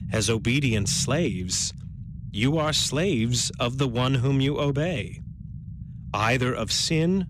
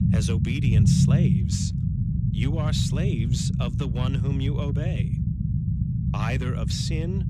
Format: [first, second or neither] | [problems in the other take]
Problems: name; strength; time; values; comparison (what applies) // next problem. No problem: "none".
first | low rumble; loud; throughout; 1 dB below the speech; faint in the first